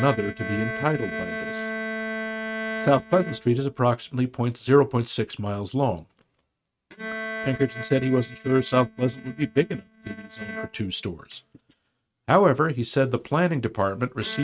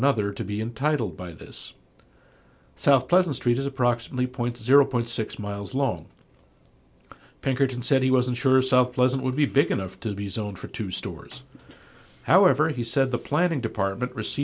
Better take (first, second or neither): second